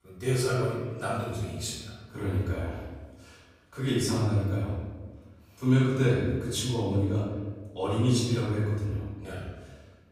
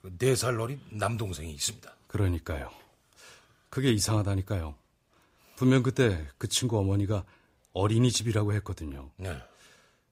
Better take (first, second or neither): second